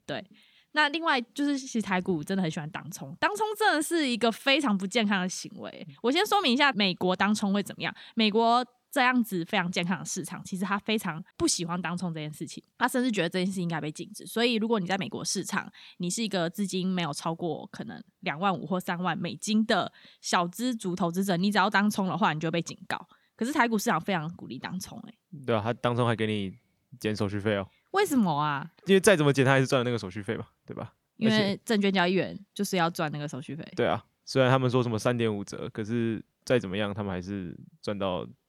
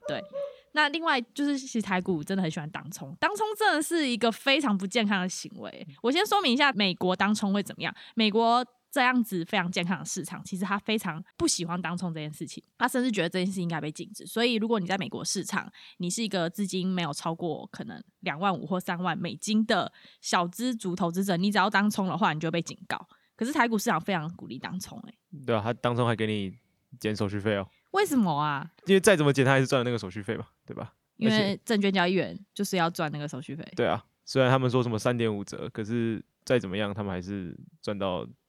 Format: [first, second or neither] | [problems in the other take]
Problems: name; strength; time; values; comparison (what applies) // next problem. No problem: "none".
first | dog barking; noticeable; at the start; peak 8 dB below the speech